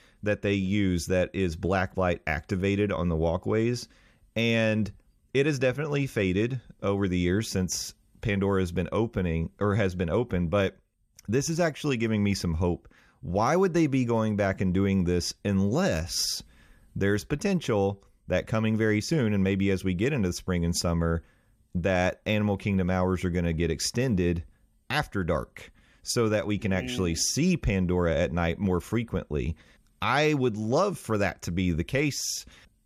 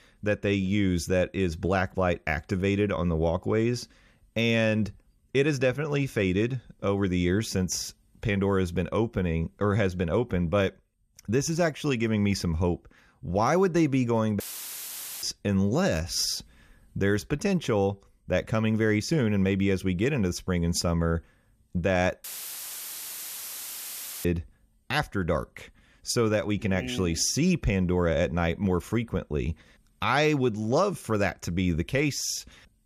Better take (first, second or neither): first